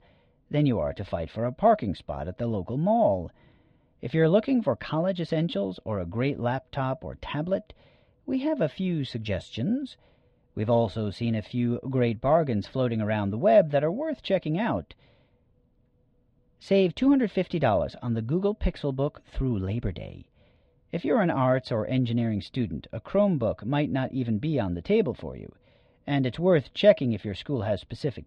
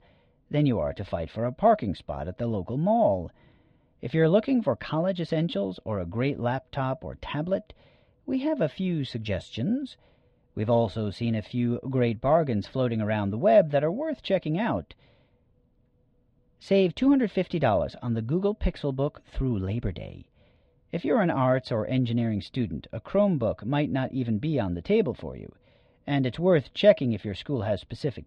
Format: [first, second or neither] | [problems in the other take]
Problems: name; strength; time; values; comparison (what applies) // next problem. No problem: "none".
neither | muffled; slightly; fading above 3.5 kHz; the same in both